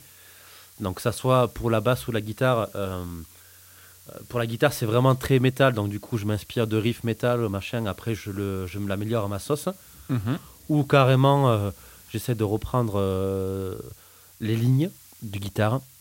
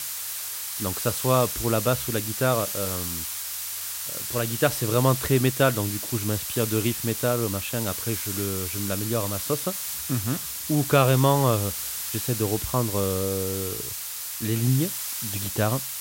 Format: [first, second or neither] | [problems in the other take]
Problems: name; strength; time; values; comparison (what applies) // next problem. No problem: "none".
first | hiss; loud; throughout; 3 dB below the speech; faint in the first